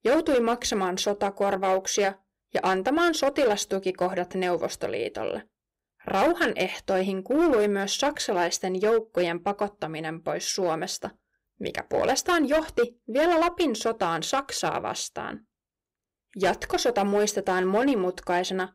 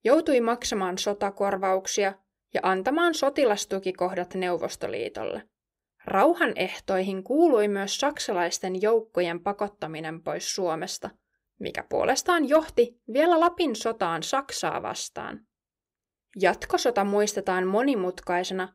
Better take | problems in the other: second | distortion; slight; 6% of the sound clipped

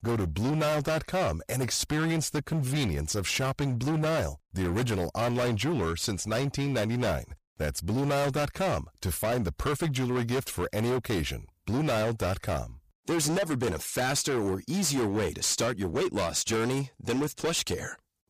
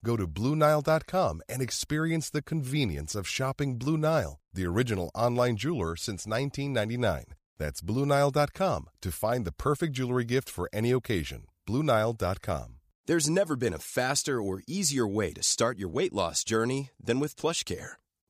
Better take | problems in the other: second | distortion; heavy; 24% of the sound clipped

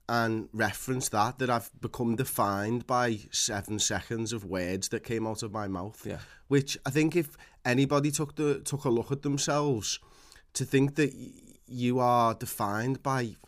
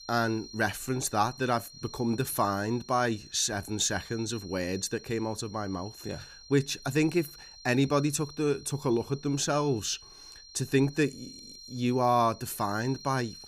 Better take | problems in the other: first | high-pitched whine; noticeable; throughout; 4 kHz, 15 dB below the speech

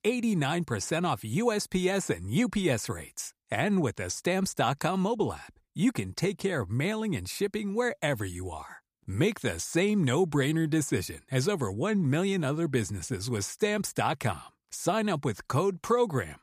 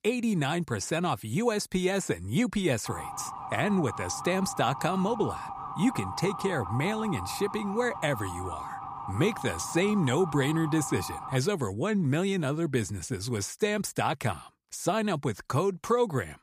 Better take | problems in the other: first | siren; noticeable; from 3 to 11 s; peak 8 dB below the speech

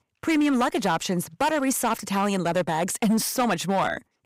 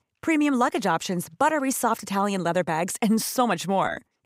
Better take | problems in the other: second | distortion; slight; 9% of the sound clipped

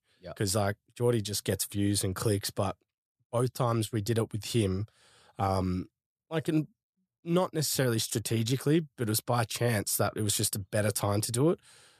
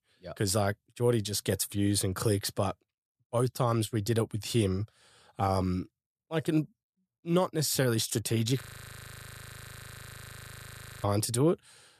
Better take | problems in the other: first | audio freezing; at 8.5 s for 2.5 s

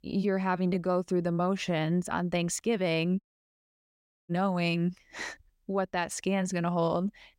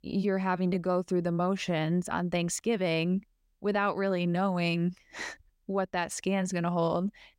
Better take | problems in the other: second | audio cutting out; at 3 s for 1 s

